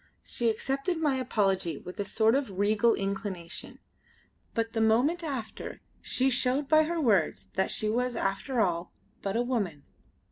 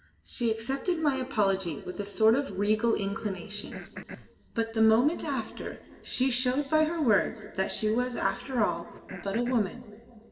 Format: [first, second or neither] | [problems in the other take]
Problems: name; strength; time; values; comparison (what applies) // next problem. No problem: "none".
first | background sound (Cough); 17 dB below the speech // room echo; dies away in 1.7 s